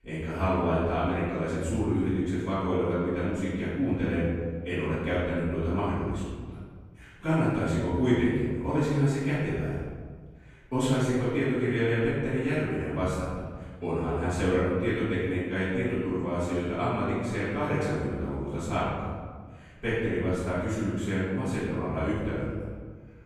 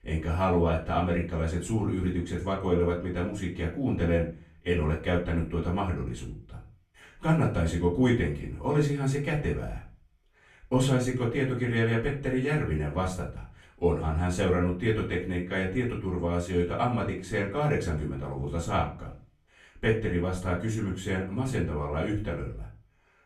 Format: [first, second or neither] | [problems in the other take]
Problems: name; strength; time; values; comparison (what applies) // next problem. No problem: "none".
second | room echo; strong; dies away in 1.4 s; slight in the second // off-mic speech; far; far in the second